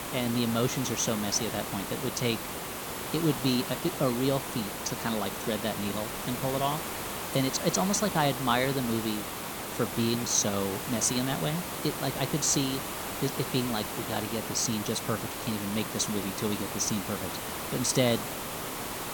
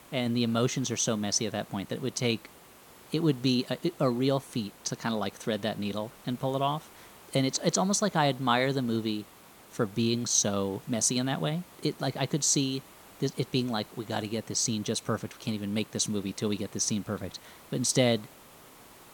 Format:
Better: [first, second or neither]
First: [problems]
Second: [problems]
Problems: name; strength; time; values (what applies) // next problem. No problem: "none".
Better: second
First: hiss; loud; throughout; 4 dB below the speech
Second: hiss; faint; throughout; 20 dB below the speech